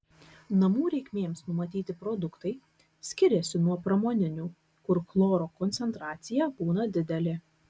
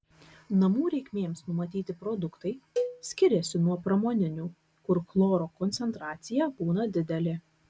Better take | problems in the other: first | background sound (Cowbell); 9 dB below the speech

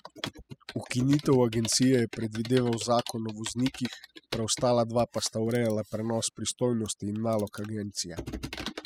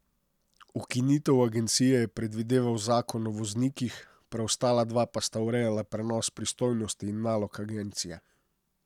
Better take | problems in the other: second | noise reduction (classical method spectral subtraction)

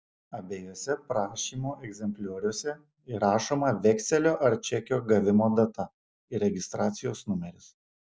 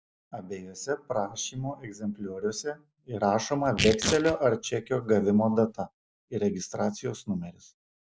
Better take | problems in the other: first | background sound (Tearing); 6 dB below the speech

